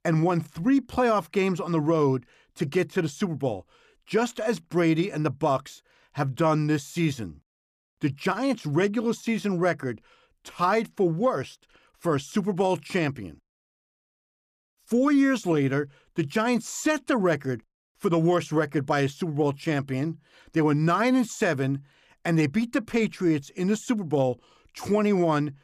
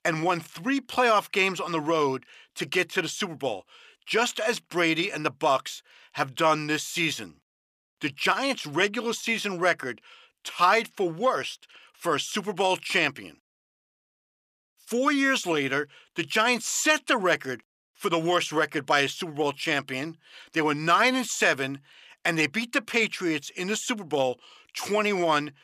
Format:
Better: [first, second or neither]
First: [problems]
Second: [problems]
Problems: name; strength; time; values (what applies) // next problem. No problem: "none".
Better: first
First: none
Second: thin; somewhat; fading below 1 kHz